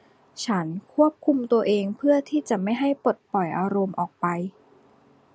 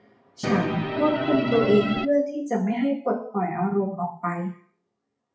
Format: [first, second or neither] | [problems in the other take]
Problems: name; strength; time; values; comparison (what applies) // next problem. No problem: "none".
first | noise reduction (classical method WPE with log-MMSE)